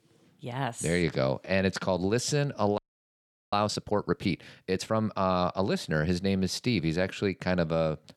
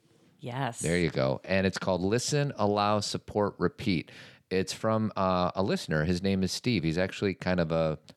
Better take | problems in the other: second | audio freezing; at 3 s for 0.5 s

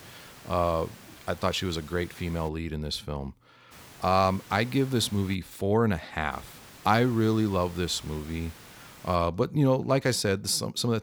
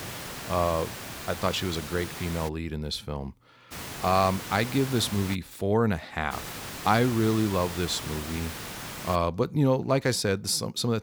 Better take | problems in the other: first | hiss; loud; until 2.5 s, from 3.5 to 5.5 s and from 6.5 to 9 s; 10 dB below the speech; faint in the first

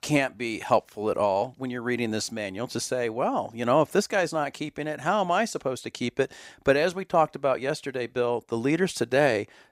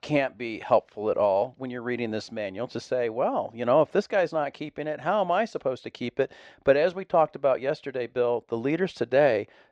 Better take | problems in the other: first | muffled; slightly; fading above 4 kHz

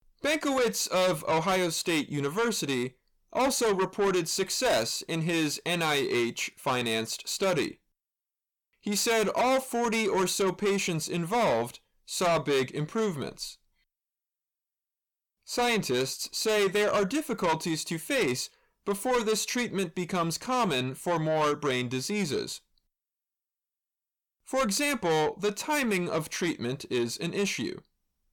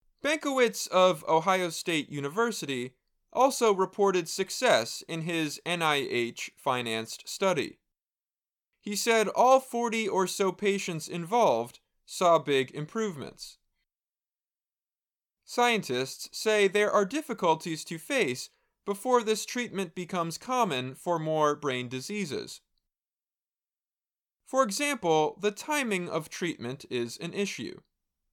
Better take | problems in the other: second | distortion; heavy; 6 dB below the speech

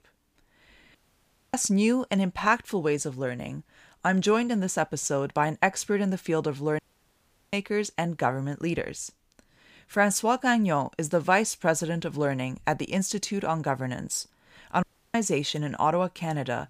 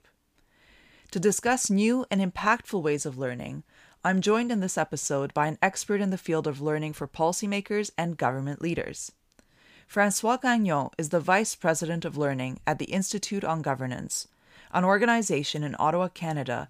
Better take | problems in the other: second | audio cutting out; at 1 s for 0.5 s, at 7 s for 0.5 s and at 15 s

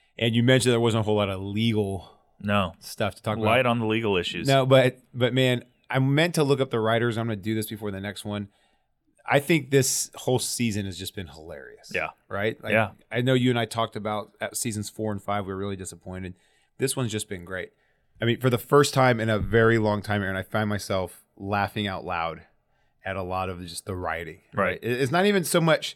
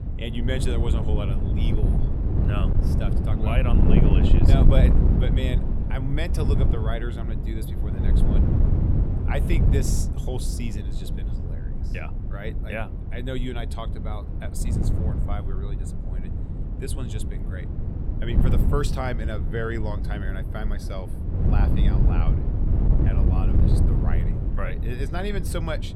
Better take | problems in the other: first | wind noise on the microphone; heavy; 2 dB below the speech

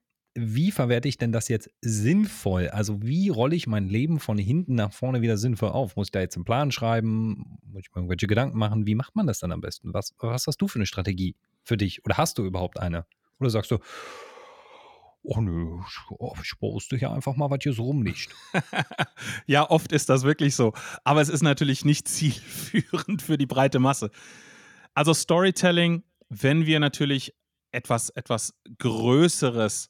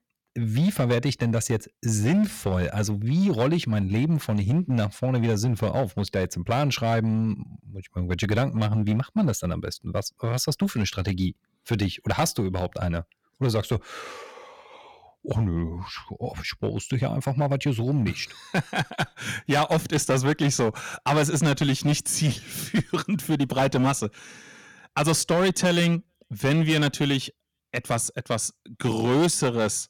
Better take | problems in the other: first | distortion; slight; 7% of the sound clipped

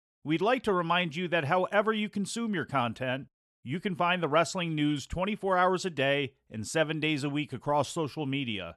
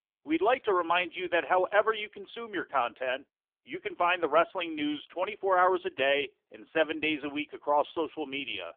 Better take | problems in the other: first | phone-call audio; poor line; nothing above 3.5 kHz

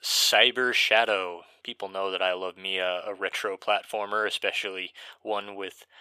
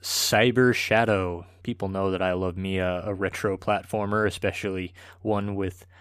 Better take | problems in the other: second | thin; very; fading below 600 Hz

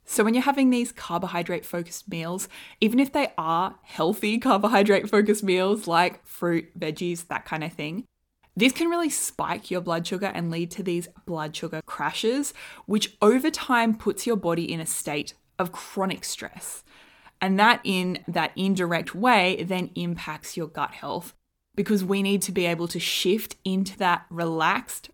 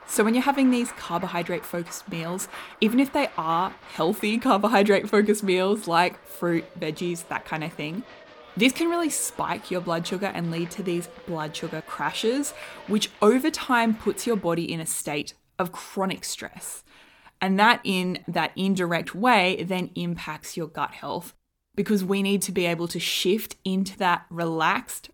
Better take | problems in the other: first | crowd noise; noticeable; until 14 s; 20 dB below the speech

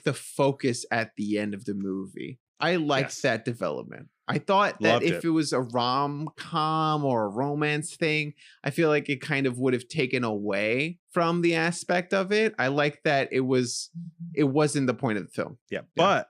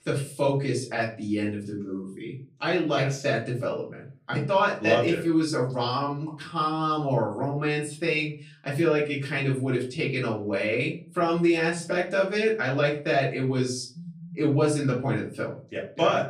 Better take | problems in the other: first | room echo; slight; dies away in 0.3 s // off-mic speech; far

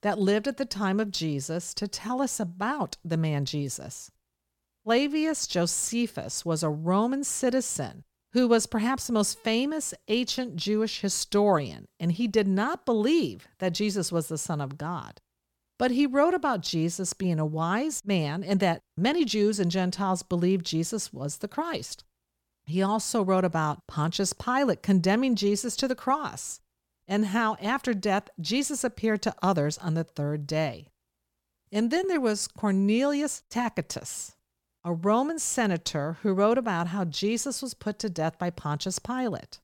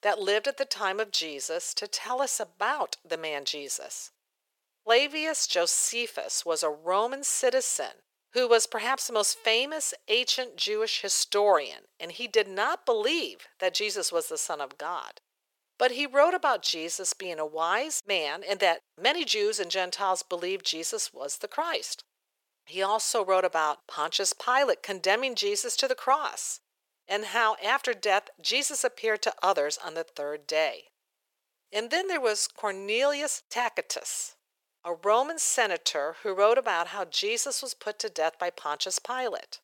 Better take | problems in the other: first | thin; very; fading below 450 Hz

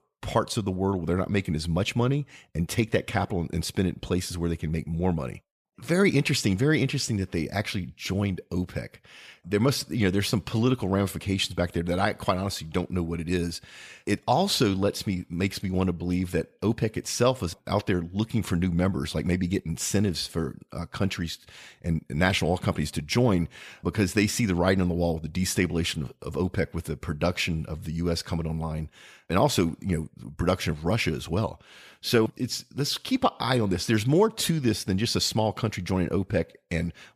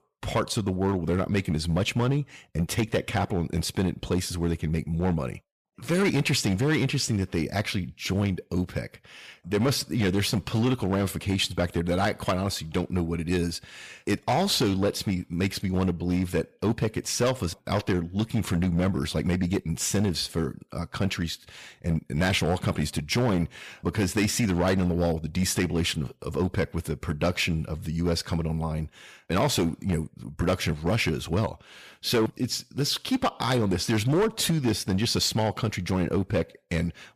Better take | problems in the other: first | distortion; slight; 7% of the sound clipped

